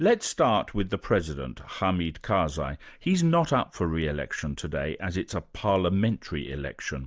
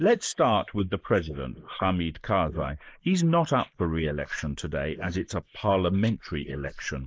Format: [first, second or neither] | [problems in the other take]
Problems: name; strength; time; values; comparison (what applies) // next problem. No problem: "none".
first | noise reduction (neural mask model Resemble Enhance denoiser)